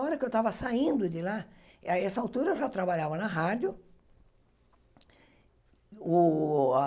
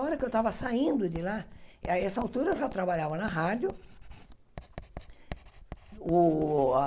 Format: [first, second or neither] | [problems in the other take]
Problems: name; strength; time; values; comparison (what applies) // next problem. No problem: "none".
first | background sound (Writing); 16 dB below the speech